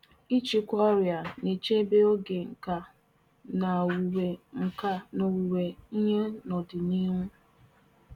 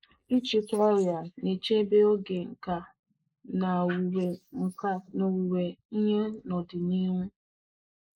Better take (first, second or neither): first